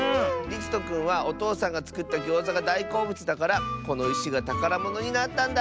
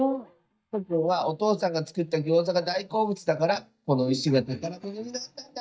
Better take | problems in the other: first | noise reduction (neural mask model DeepFilterNet 3)

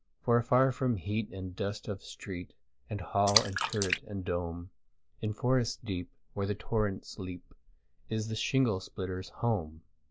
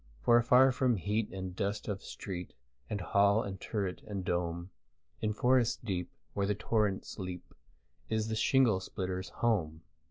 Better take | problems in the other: second | noise reduction (neural mask model Resemble Enhance denoiser)

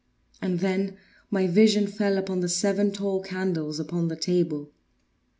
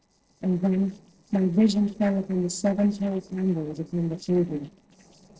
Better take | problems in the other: first | noise reduction (neural separator model SepFormer DNS4)

